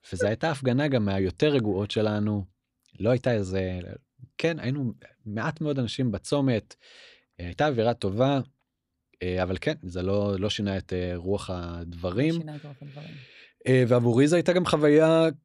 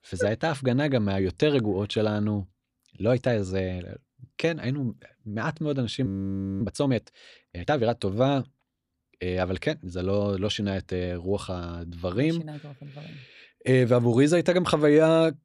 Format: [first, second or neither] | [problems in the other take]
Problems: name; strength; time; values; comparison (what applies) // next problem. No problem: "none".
first | audio freezing; at 6 s for 0.5 s